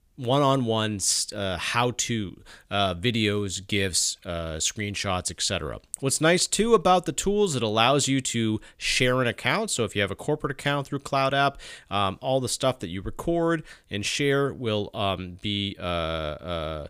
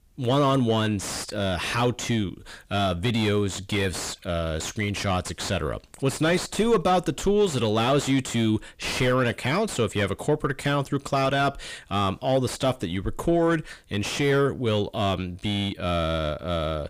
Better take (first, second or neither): first